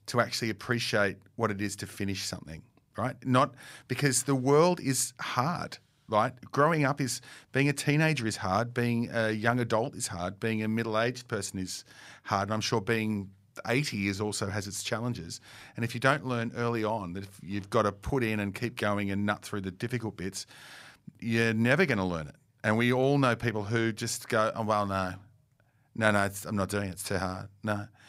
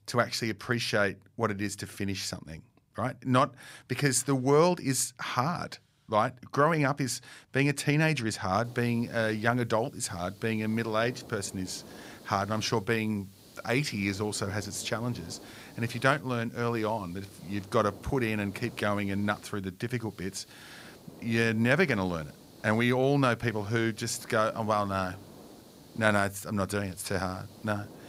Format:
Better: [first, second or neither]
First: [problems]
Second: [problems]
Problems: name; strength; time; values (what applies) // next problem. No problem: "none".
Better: first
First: none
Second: hiss; faint; from 8.5 s on; 20 dB below the speech